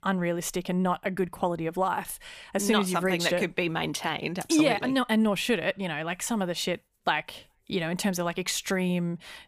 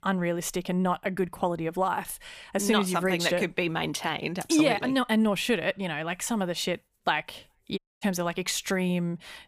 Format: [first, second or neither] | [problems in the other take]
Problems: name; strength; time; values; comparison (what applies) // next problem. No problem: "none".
first | audio cutting out; at 8 s